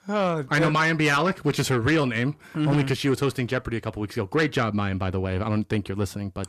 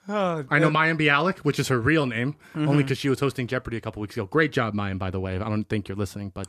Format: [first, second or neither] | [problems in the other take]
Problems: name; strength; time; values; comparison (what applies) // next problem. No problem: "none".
second | distortion; slight; 10 dB below the speech